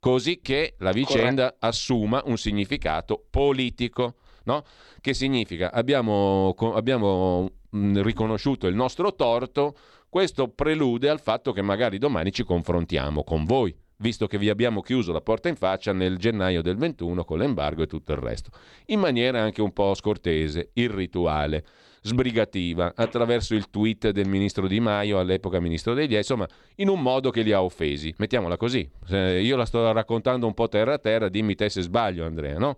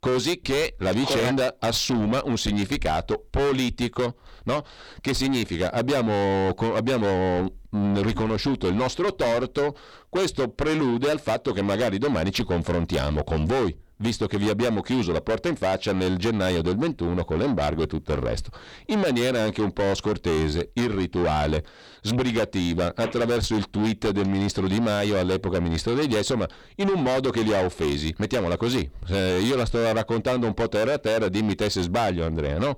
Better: first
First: none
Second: distortion; heavy; 7 dB below the speech

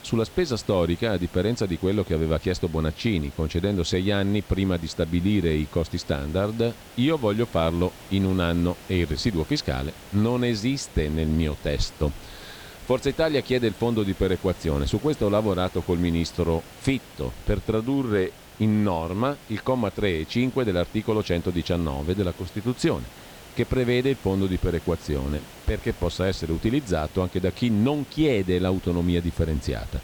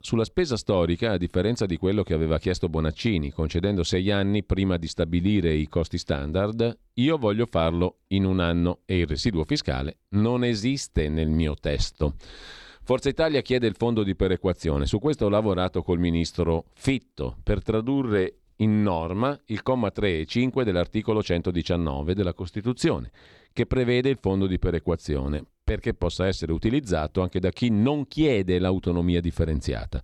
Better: second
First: hiss; noticeable; throughout; 20 dB below the speech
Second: none

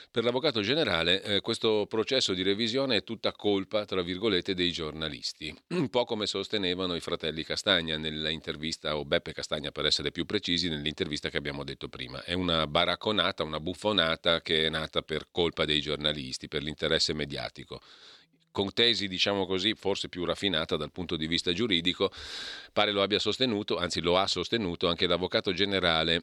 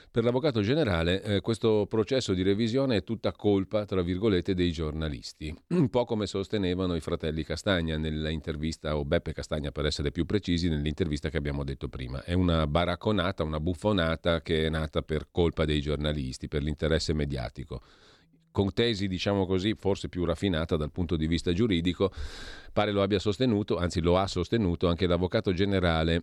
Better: second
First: thin; very slightly; fading below 700 Hz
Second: none

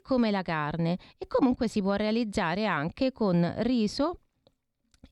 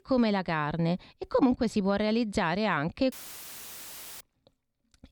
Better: first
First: none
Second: audio cutting out; filled with static; at 3 s for 1 s

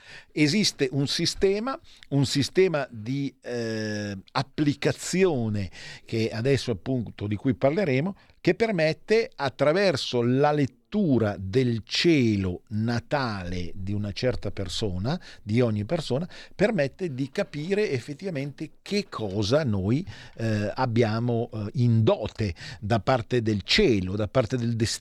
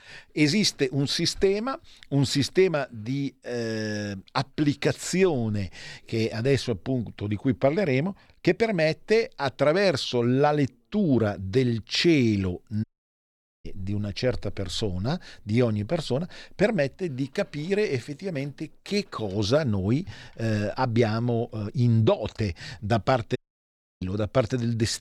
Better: first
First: none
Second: audio cutting out; at 13 s for 1 s and at 23 s for 0.5 s

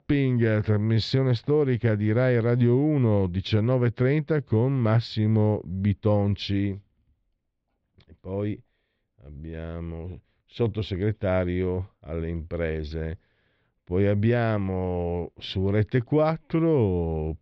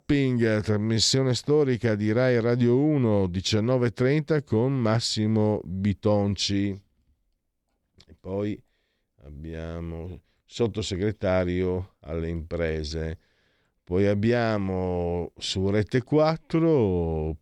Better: second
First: muffled; slightly; fading above 3.5 kHz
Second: none

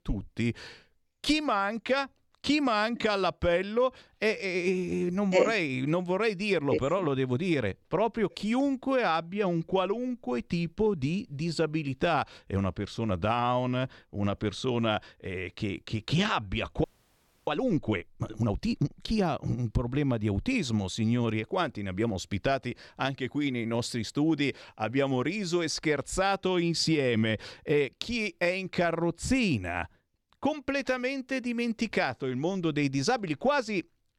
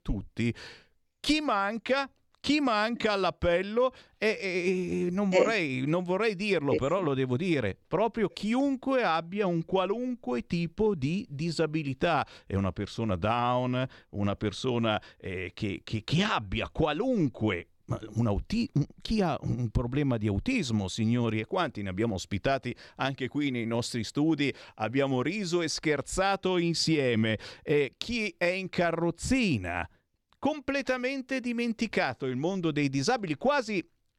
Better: second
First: audio freezing; at 17 s for 0.5 s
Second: none

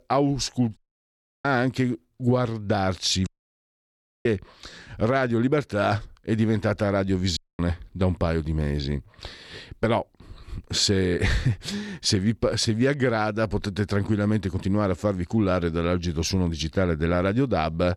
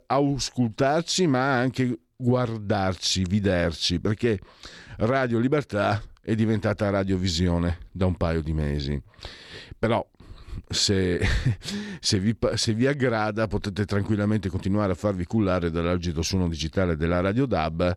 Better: second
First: audio cutting out; at 1 s for 0.5 s, at 3.5 s for 1 s and at 7.5 s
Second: none

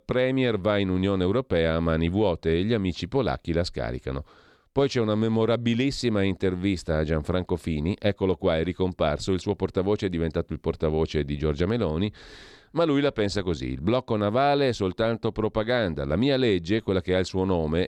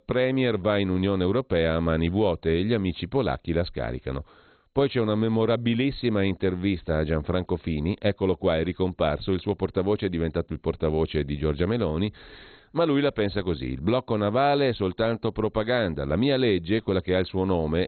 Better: first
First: none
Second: garbled, watery; badly; nothing above 4 kHz

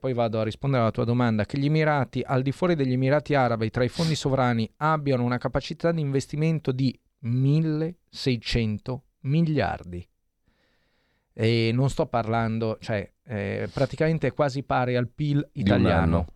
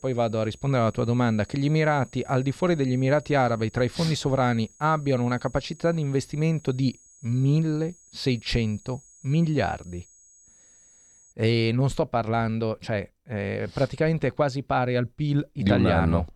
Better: first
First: none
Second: high-pitched whine; faint; until 11 s; 6.5 kHz, 25 dB below the speech

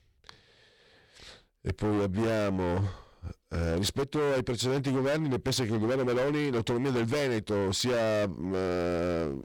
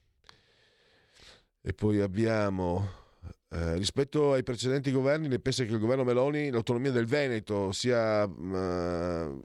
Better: second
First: distortion; heavy; 24% of the sound clipped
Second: none

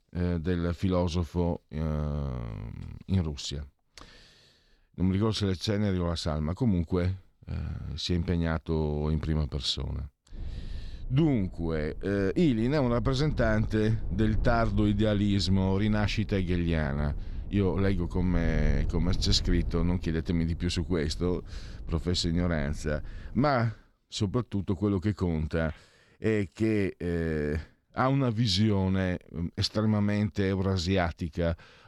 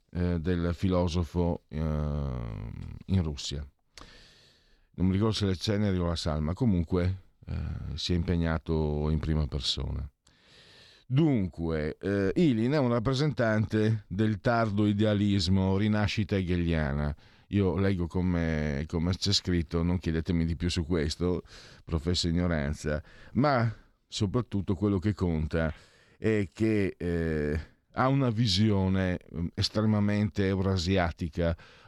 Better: second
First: low rumble; faint; from 10 to 23 s; 20 dB below the speech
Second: none

